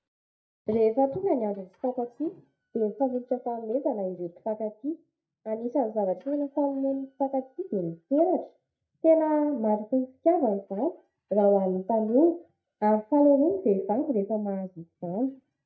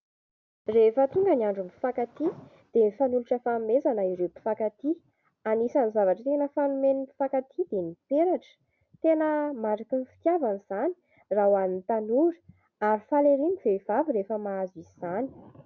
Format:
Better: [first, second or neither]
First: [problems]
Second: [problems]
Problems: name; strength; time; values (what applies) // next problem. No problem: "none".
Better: second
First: noise reduction (neural mask model DeepFilterNet 3)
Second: none